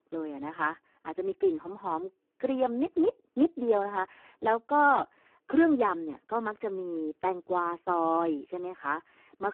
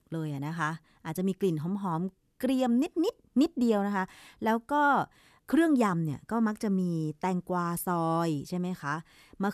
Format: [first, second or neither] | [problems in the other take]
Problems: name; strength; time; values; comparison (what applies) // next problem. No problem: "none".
second | phone-call audio; poor line